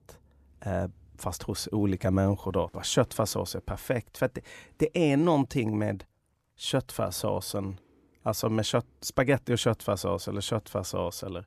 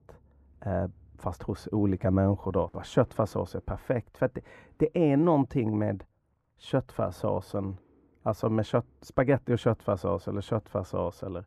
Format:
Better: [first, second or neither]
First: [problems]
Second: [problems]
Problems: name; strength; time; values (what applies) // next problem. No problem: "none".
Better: first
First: none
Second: muffled; very; fading above 2.5 kHz